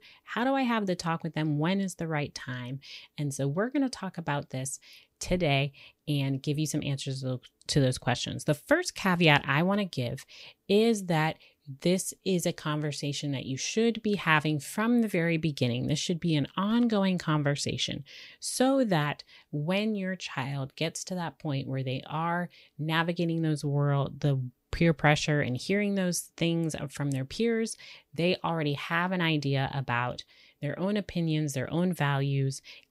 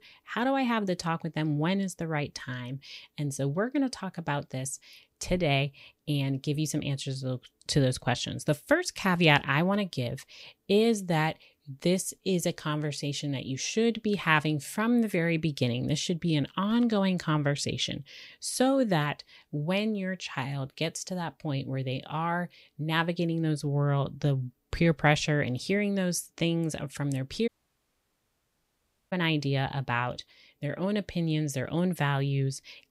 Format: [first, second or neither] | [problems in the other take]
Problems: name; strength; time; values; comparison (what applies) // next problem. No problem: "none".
first | audio cutting out; at 27 s for 1.5 s